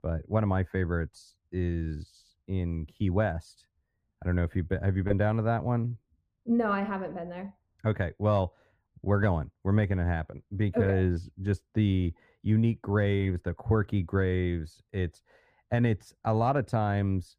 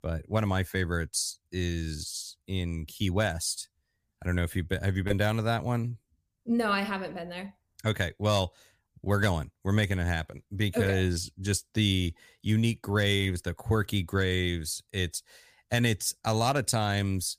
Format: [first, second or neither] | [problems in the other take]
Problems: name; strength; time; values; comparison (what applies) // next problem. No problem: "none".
second | muffled; very; fading above 3 kHz